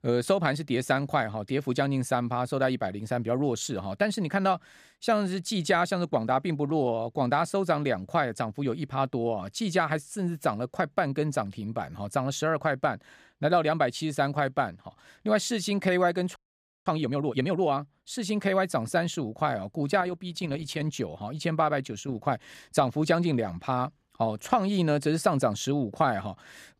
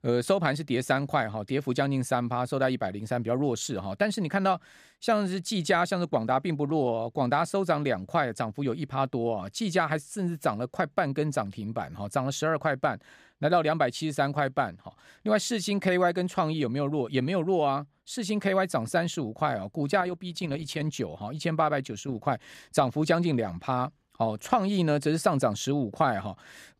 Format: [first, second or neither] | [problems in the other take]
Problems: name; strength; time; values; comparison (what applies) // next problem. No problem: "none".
second | audio freezing; at 16 s for 0.5 s